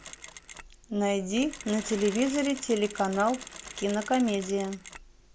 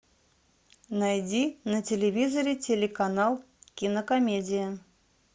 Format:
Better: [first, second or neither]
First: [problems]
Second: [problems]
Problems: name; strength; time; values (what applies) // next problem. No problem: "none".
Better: second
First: background sound (Mechanisms); 14 dB below the speech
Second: none